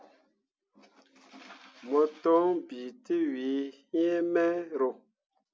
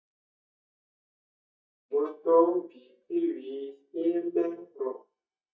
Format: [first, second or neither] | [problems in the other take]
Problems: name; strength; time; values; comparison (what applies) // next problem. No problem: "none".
first | noise reduction (neural mask model DeepFilterNet 3)